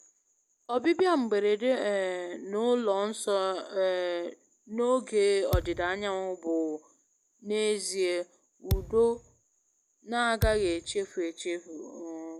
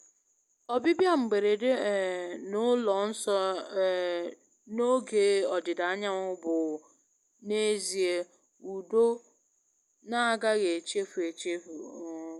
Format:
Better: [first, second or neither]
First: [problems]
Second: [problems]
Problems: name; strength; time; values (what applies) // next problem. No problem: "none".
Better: second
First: background sound (Thump, thud); 6 dB below the speech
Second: none